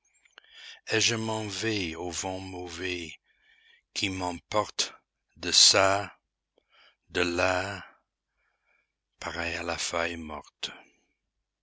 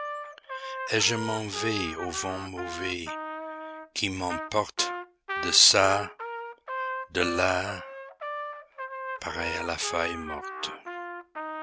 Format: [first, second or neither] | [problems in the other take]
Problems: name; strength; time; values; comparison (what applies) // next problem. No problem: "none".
first | background sound (Trumpet); 7 dB below the speech